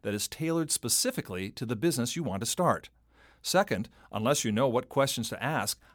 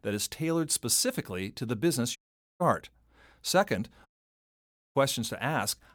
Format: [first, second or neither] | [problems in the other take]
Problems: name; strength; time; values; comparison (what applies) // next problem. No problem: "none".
first | audio cutting out; at 2 s and at 4 s for 1 s